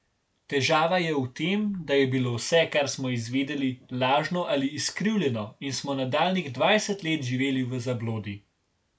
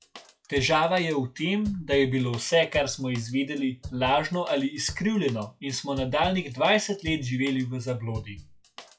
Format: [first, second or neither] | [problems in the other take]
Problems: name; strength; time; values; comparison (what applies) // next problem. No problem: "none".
first | noise reduction (classical method log-MMSE)